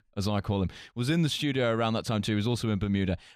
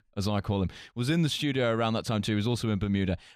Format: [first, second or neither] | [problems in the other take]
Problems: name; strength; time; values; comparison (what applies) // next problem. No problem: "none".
neither | none